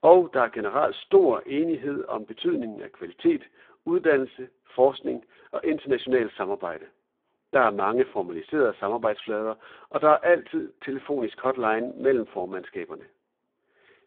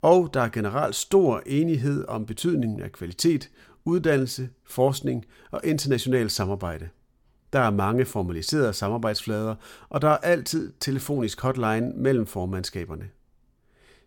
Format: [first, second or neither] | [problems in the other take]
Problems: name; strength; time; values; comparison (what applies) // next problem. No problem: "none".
second | phone-call audio; poor line